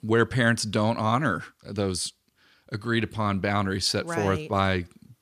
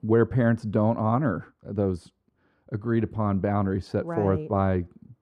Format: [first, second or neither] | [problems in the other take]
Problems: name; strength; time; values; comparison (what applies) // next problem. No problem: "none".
first | muffled; very; fading above 2 kHz